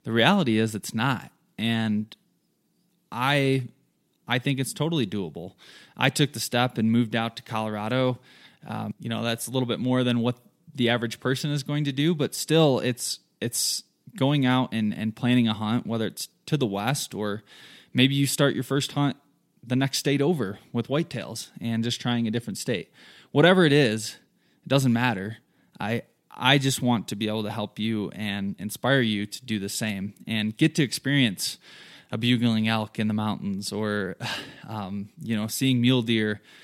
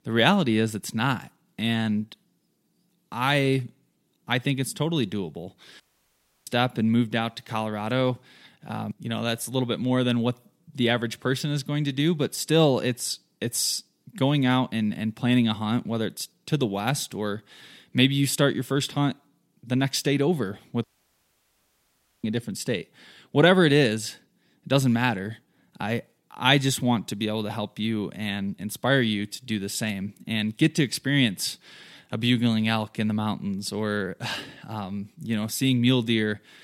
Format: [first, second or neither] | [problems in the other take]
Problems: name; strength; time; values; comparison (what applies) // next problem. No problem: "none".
first | audio cutting out; at 6 s for 0.5 s and at 21 s for 1.5 s